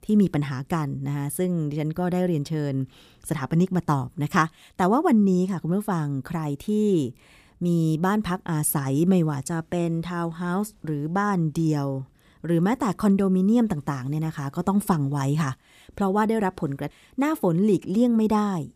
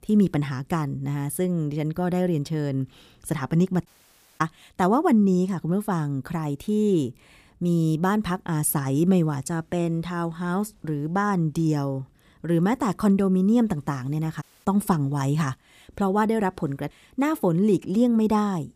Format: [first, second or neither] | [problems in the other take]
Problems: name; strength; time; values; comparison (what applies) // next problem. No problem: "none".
first | audio cutting out; at 4 s for 0.5 s and at 14 s